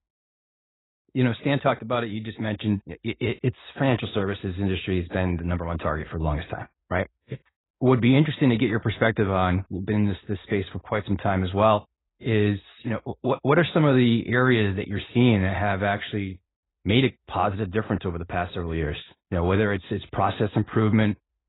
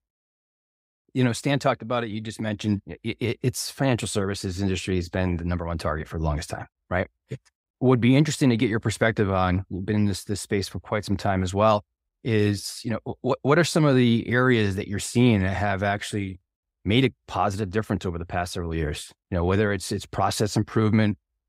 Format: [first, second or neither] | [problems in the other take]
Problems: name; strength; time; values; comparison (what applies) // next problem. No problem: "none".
second | garbled, watery; badly; nothing above 4 kHz